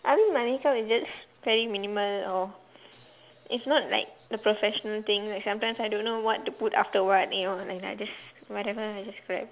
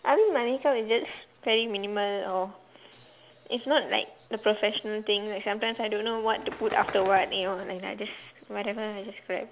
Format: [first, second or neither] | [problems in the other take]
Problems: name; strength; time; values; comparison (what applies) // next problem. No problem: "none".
first | background sound (Bird); 15 dB below the speech